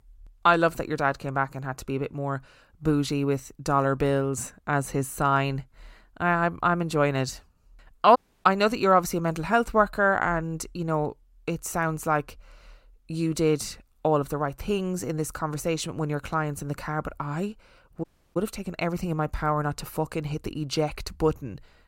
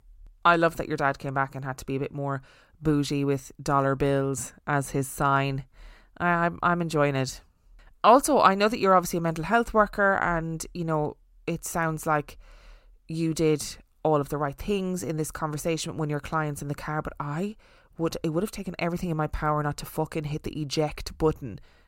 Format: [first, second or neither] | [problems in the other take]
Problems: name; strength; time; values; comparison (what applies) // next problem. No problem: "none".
second | audio cutting out; at 8 s and at 18 s